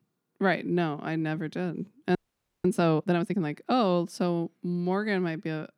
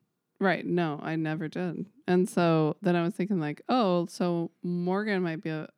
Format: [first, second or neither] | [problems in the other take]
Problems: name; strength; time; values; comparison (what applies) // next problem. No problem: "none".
second | audio freezing; at 2 s